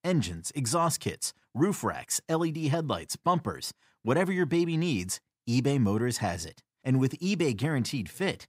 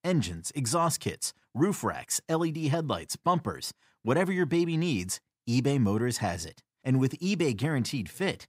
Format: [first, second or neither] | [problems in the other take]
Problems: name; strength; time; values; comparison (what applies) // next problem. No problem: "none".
neither | none